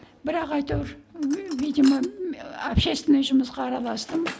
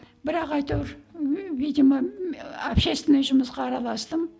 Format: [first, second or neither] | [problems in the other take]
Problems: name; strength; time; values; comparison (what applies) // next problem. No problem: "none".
second | background sound (Drawer open or close); 18 dB below the speech